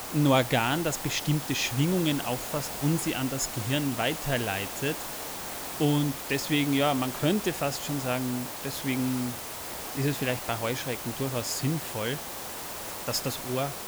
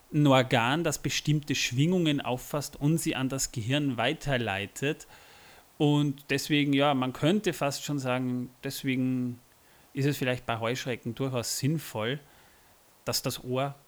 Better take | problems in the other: second | hiss; loud; throughout; 6 dB below the speech; faint in the second

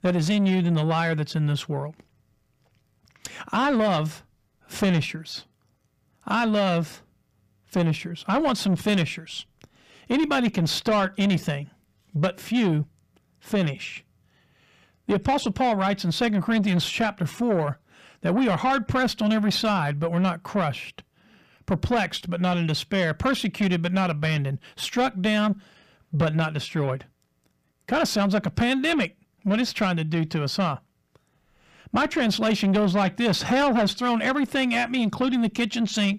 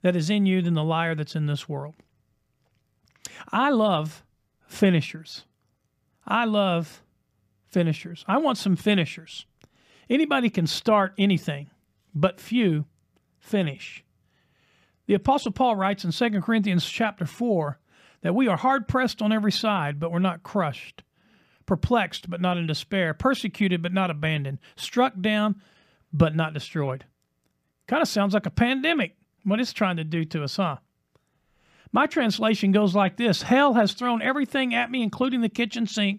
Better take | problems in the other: second | distortion; slight; 10 dB below the speech

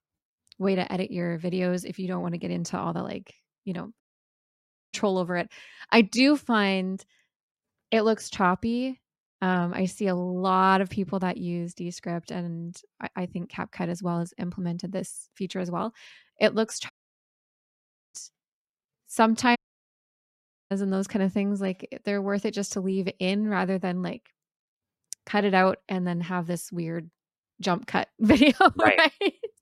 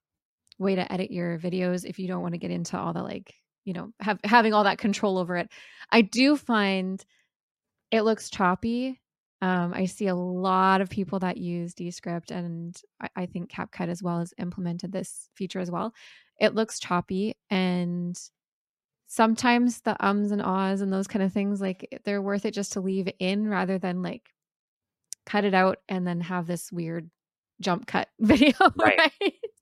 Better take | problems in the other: second | audio cutting out; at 4 s for 1 s, at 17 s for 1 s and at 20 s for 1 s

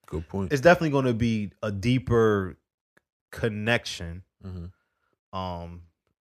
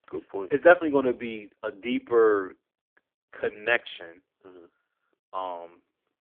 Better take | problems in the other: first | phone-call audio; poor line; nothing above 3.5 kHz

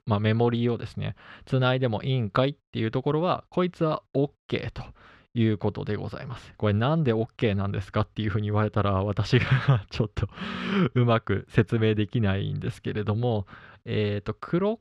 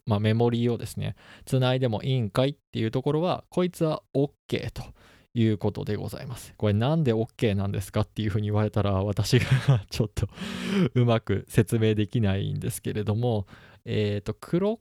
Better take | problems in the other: second | muffled; very slightly; fading above 3.5 kHz

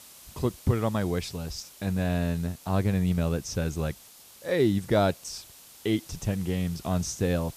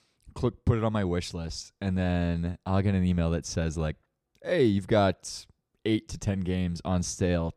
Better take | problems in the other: second | hiss; noticeable; throughout; 20 dB below the speech

